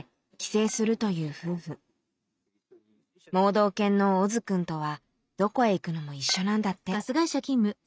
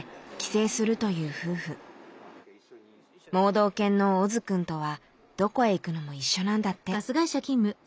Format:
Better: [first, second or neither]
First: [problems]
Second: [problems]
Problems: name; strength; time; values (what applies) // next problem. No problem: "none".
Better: second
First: noise reduction (neural mask model RNNoise)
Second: none